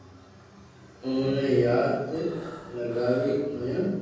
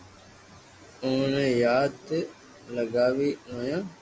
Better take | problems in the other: second | background sound (Breathing); 20 dB below the speech // room echo; dies away in 1.3 s

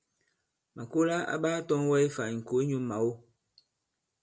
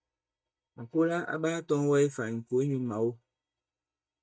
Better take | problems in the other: first | noise reduction (neural mask model DeepFilterNet 3)

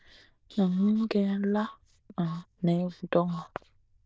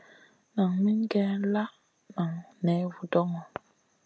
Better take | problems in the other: second | noise reduction (neural diffusion model UNIVERSE++)

